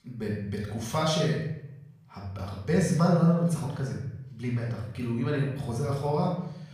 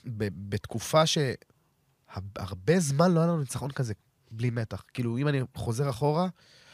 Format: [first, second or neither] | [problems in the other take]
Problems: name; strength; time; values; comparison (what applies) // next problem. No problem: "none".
second | off-mic speech; far // room echo; noticeable; dies away in 0.8 s